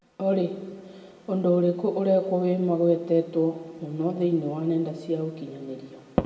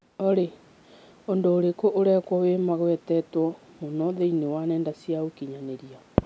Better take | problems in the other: second | room echo; dies away in 1.7 s

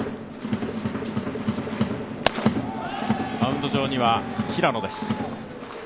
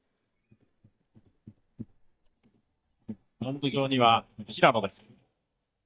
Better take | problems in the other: first | noise reduction (neural mask model DeepFilterNet 3)

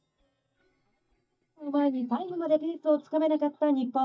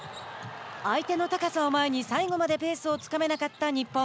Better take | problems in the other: second | noise reduction (neural mask model DeepFilterNet 3)

